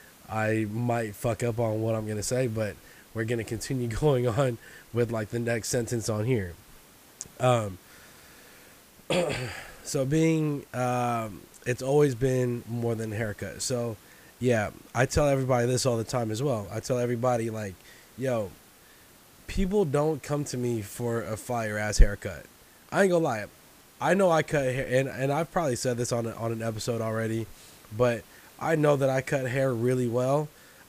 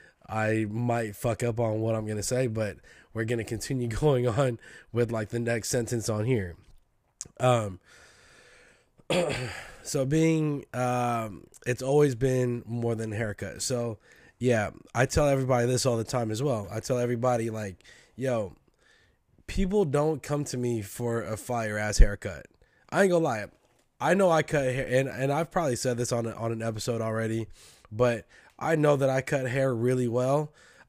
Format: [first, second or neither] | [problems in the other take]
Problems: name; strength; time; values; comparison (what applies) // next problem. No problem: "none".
second | hiss; faint; throughout; 25 dB below the speech